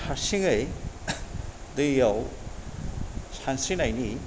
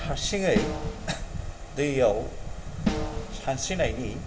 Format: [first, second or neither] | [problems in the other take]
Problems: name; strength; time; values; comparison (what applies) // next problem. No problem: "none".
first | background sound (Snare drum); 4 dB below the speech // room echo; dies away in 0.2 s